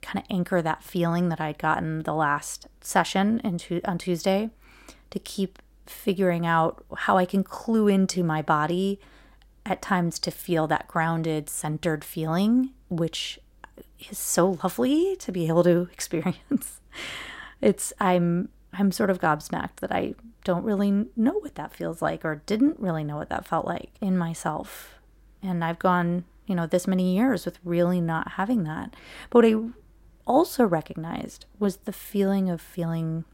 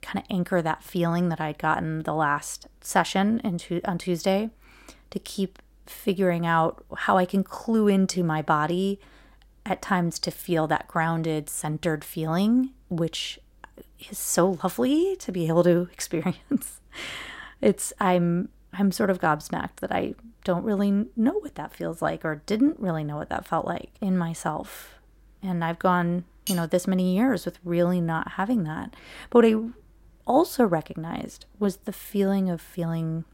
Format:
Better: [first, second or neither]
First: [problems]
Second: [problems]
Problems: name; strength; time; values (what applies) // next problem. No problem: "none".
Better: first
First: none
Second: clattering dishes; noticeable; at 26 s; peak 7 dB below the speech